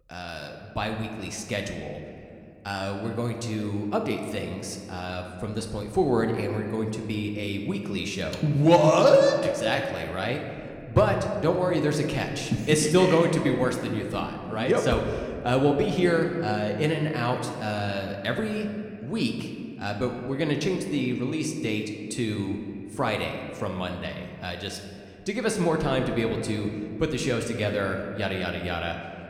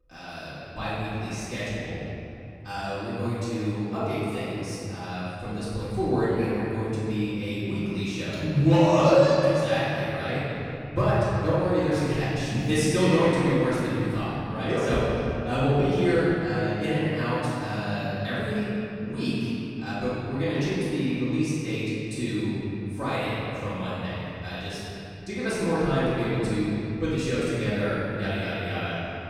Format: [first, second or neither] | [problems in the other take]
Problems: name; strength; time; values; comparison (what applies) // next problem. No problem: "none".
first | room echo; strong; dies away in 3 s; slight in the first // off-mic speech; far